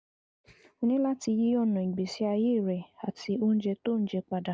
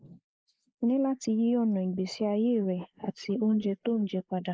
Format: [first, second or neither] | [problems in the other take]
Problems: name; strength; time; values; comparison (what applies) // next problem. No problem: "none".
first | noise reduction (neural mask model Resemble Enhance denoiser)